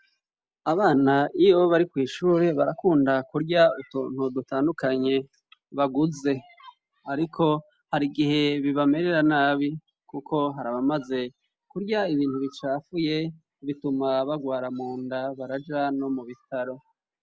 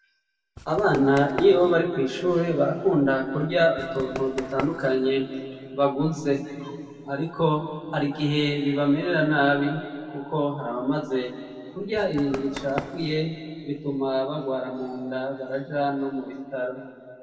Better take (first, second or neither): first